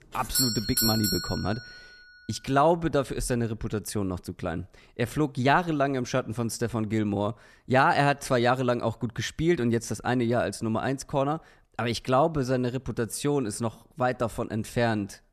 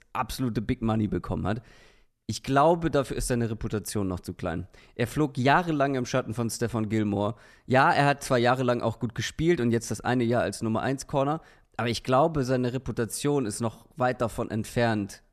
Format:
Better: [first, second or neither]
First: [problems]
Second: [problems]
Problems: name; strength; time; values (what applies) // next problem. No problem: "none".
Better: second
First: doorbell; loud; until 1.5 s; peak 3 dB above the speech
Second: none